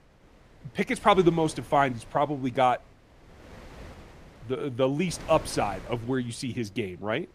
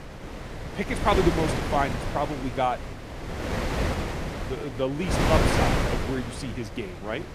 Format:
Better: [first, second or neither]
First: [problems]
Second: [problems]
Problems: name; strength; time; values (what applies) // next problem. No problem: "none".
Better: first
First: wind noise on the microphone; occasional gusts; 25 dB below the speech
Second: wind noise on the microphone; heavy; 2 dB below the speech